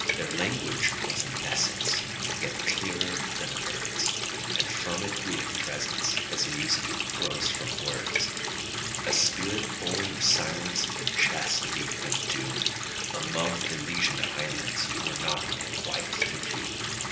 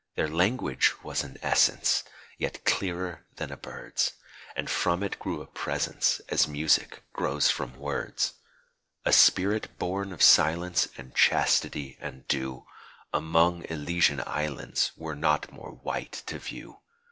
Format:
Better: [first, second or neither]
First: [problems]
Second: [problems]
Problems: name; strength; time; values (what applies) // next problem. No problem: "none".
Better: second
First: background sound (Water tap, faucet); 2 dB above the speech // room echo; dies away in 0.8 s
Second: none